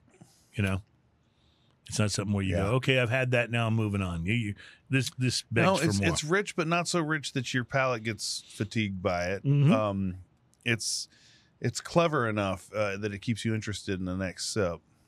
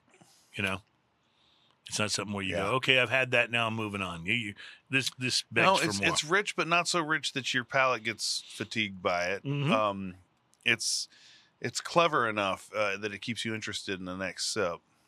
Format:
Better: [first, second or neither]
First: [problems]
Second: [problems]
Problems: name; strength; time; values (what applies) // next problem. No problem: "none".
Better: first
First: none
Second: thin; somewhat; fading below 700 Hz